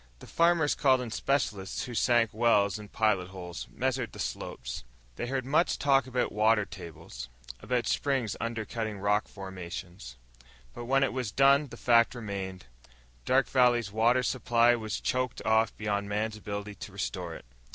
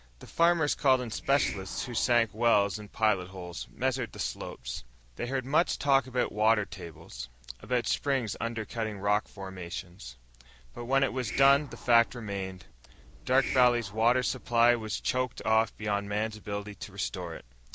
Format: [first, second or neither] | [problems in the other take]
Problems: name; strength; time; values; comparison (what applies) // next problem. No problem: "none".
first | background sound (Hiss); 13 dB below the speech